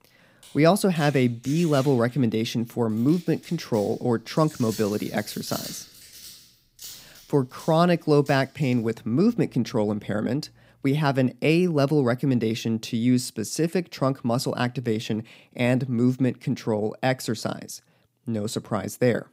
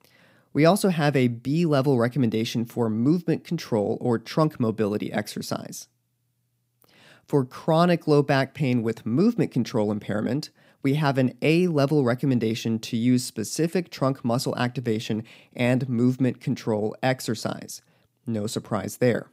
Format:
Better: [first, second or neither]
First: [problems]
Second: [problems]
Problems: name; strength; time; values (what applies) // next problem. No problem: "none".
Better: second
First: household noises; noticeable; until 11 s; 20 dB below the speech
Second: none